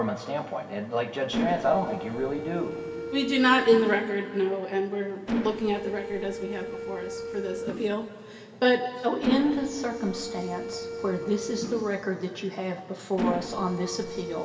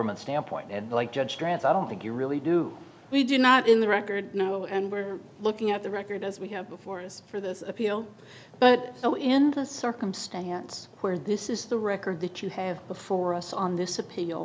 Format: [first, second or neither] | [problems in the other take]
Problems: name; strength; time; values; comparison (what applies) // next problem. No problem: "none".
second | background sound (Mechanisms); 7 dB below the speech // room echo; dies away in 2.3 s